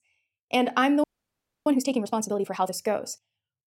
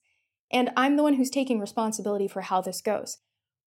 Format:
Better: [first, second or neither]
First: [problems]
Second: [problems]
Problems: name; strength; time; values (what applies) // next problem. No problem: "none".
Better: second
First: audio freezing; at 1 s for 0.5 s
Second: none